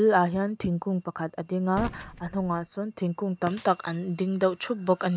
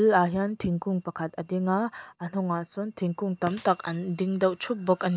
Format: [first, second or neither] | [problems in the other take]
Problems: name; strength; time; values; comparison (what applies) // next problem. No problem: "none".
second | background sound (Gunshot, gunfire); 17 dB below the speech